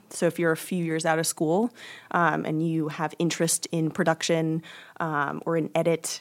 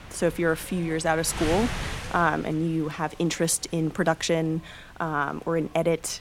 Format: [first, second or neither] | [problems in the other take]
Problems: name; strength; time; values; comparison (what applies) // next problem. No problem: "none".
first | wind noise on the microphone; occasional gusts; 10 dB below the speech